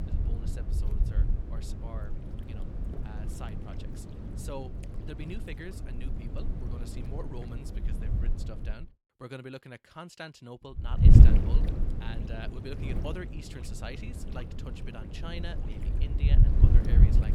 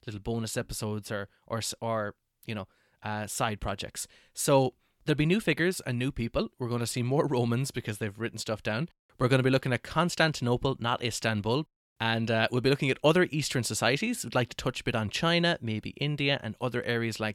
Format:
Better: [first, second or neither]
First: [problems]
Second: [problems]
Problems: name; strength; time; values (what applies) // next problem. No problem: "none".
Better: second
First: wind noise on the microphone; heavy; until 9 s and from 11 s on; 2 dB above the speech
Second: none